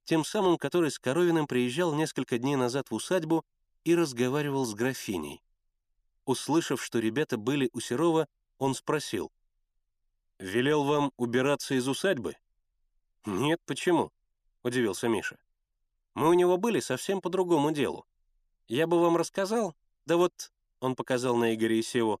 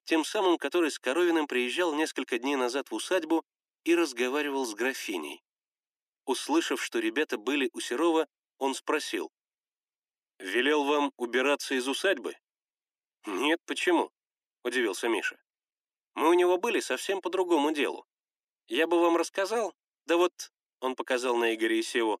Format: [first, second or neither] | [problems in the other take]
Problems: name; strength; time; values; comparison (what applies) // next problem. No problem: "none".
first | thin; very slightly; fading below 300 Hz